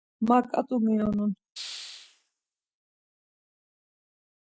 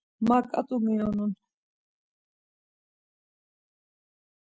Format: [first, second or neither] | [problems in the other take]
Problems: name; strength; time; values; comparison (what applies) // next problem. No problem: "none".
second | noise reduction (neural mask model DeepFilterNet 3)